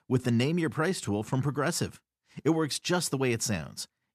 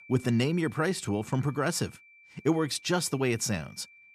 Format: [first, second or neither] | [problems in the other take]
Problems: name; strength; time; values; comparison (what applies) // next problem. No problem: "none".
first | high-pitched whine; faint; throughout; 2.5 kHz, 25 dB below the speech